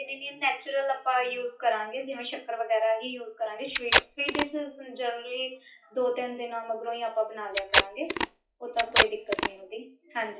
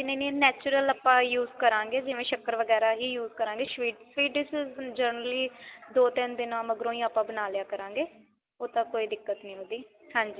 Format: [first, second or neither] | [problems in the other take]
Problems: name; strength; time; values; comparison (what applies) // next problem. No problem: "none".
second | noise reduction (classical method WPE with log-MMSE)